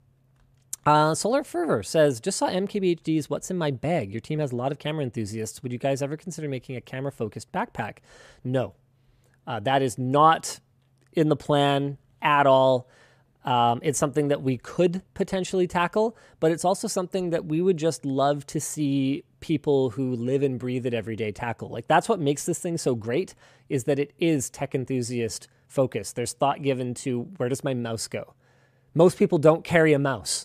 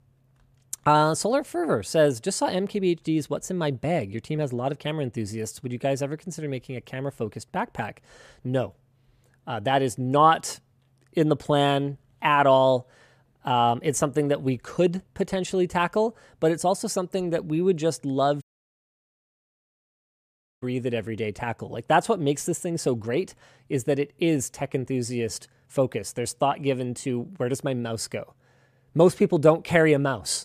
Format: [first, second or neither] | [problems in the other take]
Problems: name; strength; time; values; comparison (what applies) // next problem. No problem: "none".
first | audio cutting out; at 18 s for 2 s